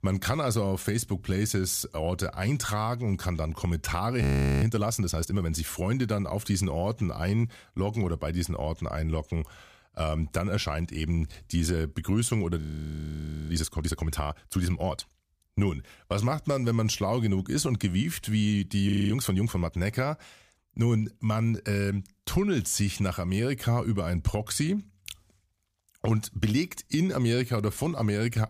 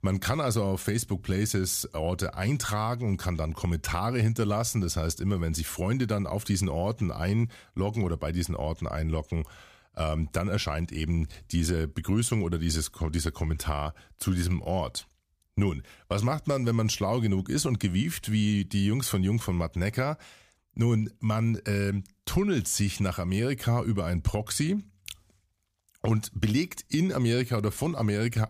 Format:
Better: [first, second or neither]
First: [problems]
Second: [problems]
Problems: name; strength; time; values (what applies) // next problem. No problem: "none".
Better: second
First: audio freezing; at 4 s, at 13 s for 1 s and at 19 s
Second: none